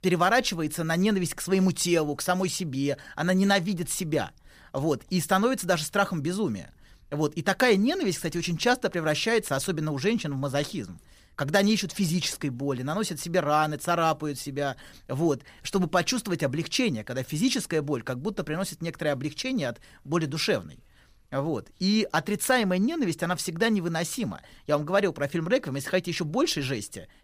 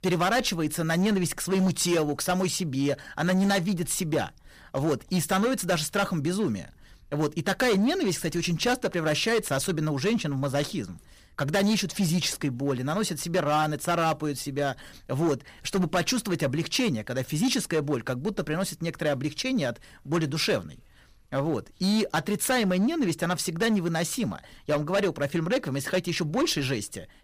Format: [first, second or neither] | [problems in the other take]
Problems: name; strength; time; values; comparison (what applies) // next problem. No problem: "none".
first | distortion; slight; 9% of the sound clipped